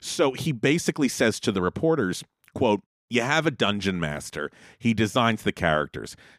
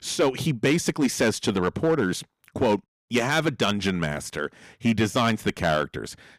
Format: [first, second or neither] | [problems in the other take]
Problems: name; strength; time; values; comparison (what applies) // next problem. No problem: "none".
first | distortion; slight; 5% of the sound clipped